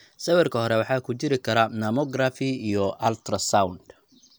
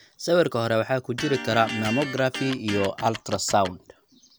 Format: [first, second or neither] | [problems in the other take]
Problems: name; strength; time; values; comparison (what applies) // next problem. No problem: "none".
first | background sound (Electric guitar); 9 dB below the speech